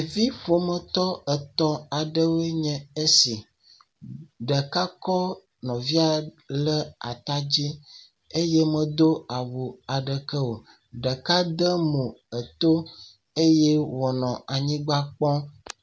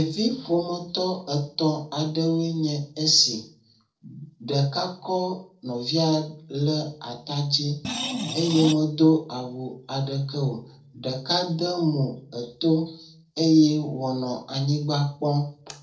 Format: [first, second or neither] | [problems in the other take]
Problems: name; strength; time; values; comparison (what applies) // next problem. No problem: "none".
first | noise reduction (neural separator model SepFormer DNS4)